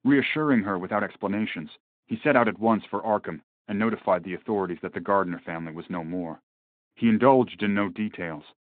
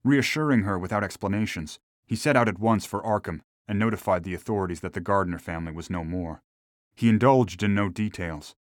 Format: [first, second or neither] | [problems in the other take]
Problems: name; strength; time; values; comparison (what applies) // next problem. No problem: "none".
second | phone-call audio; nothing above 3.5 kHz